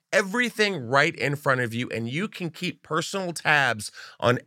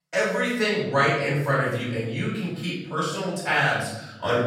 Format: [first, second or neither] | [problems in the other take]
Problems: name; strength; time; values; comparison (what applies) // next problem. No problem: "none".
first | off-mic speech; far // room echo; noticeable; dies away in 1 s